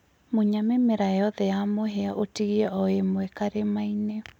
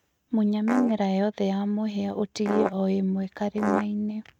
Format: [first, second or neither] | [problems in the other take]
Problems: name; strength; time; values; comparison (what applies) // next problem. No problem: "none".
first | noise reduction (neural mask model RNNoise)